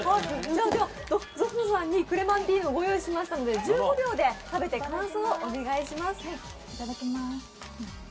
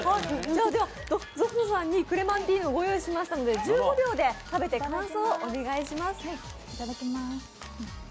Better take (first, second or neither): second